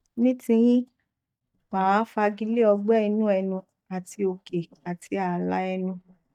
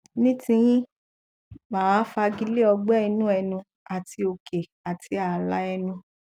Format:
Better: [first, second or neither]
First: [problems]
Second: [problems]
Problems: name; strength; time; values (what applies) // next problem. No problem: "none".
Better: second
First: noise reduction (neural mask model DeepFilterNet 3)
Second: none